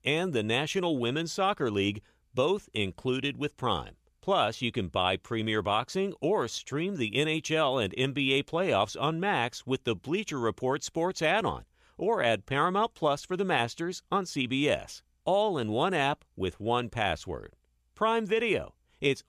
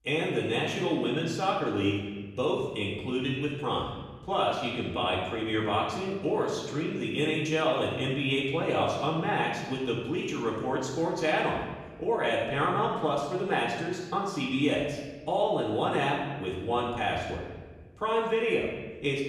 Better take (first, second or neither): first